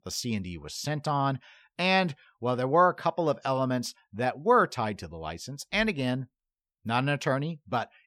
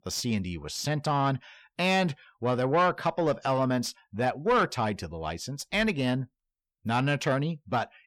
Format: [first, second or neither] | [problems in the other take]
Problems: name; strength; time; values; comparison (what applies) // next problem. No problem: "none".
first | distortion; slight; 10 dB below the speech